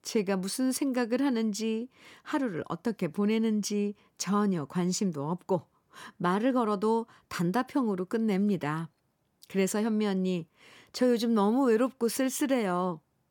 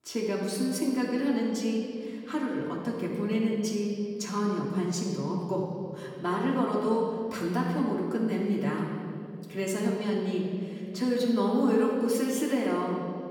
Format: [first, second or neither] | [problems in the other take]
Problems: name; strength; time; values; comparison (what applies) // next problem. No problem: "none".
first | off-mic speech; far // room echo; noticeable; dies away in 2.3 s